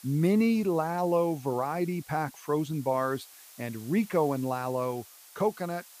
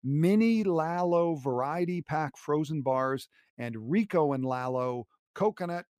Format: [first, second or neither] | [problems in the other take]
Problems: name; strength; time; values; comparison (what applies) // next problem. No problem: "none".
second | hiss; faint; throughout; 20 dB below the speech